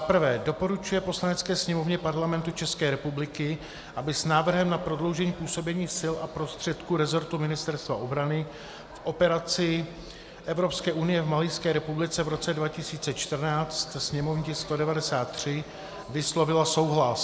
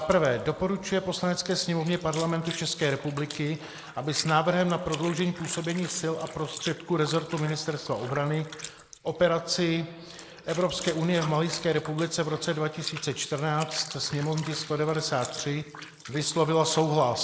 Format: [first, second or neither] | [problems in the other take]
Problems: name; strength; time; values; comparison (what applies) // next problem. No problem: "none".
first | noise reduction (neural mask model Resemble Enhance denoiser)